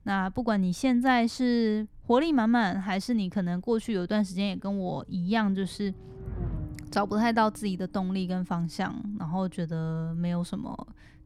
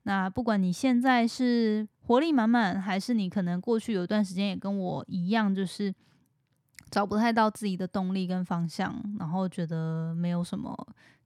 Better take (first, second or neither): second